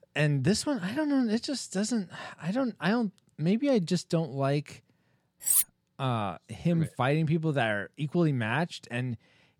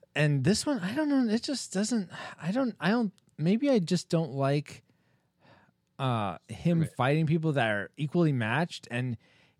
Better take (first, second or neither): second